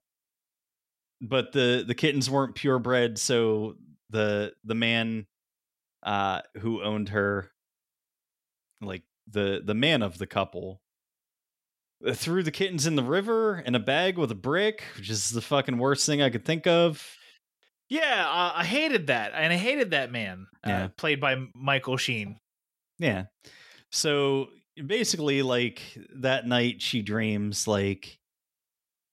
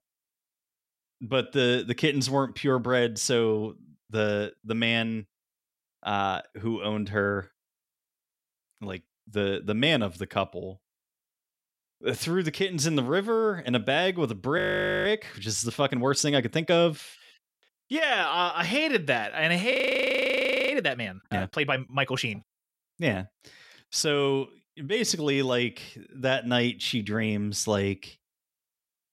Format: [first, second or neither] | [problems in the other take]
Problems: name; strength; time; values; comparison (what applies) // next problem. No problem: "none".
first | audio freezing; at 15 s and at 20 s for 1 s